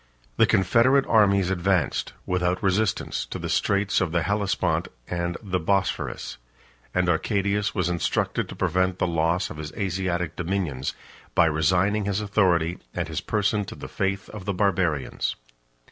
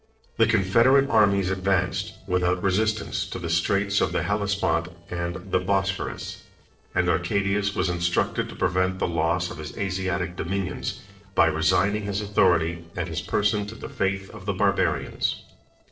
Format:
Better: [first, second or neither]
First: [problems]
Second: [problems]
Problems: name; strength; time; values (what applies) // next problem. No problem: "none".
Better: first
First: none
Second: noise reduction (neural separator model SepFormer DNS4)